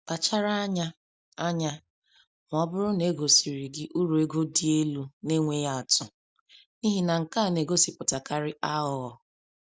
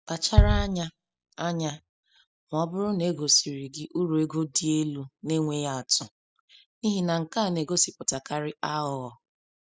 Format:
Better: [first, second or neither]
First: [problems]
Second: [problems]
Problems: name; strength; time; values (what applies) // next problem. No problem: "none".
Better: first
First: none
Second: noise reduction (classical method spectral subtraction)